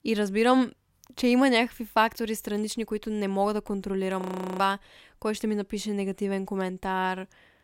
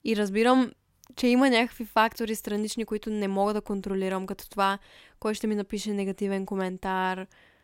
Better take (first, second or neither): second